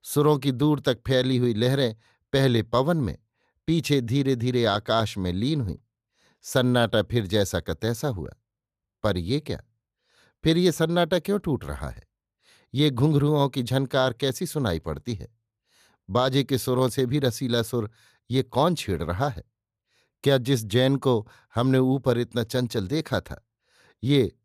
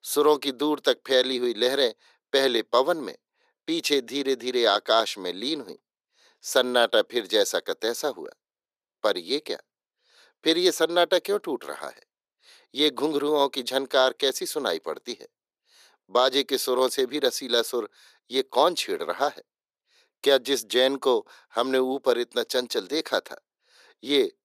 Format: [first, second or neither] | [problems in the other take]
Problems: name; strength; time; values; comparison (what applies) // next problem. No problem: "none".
first | thin; somewhat; fading below 350 Hz